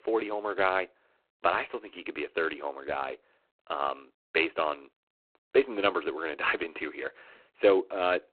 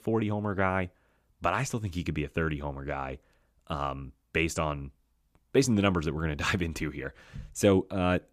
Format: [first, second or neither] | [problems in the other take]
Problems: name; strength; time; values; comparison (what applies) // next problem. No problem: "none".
second | phone-call audio; poor line; nothing above 4 kHz